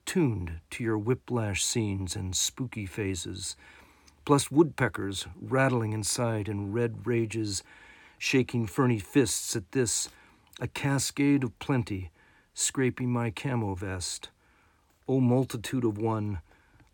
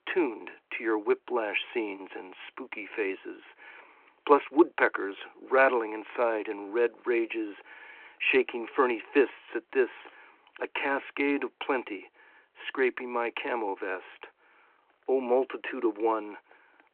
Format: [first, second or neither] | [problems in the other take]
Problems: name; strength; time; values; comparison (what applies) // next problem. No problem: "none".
first | phone-call audio